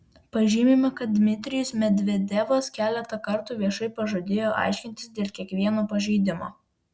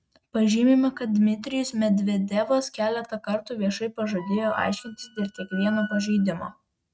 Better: first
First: none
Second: noise reduction (neural mask model RNNoise)

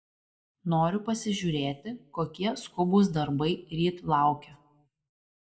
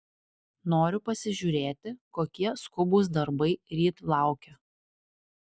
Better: second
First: room echo; dies away in 0.3 s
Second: none

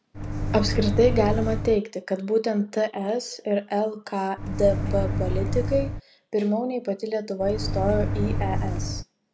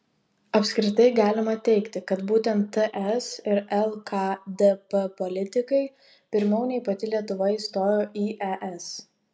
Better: second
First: background sound (Microwave oven); as loud as the speech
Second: none

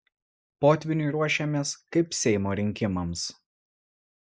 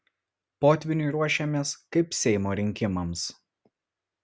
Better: second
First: noise reduction (neural mask model Resemble Enhance denoiser)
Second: none

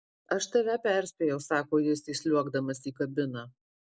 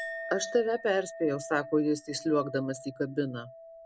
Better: first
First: none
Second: background sound (Chink, clink); 13 dB below the speech

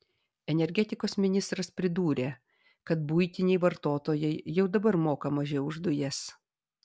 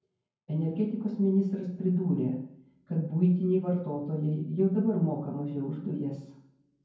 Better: first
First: none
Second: room echo; dies away in 0.9 s

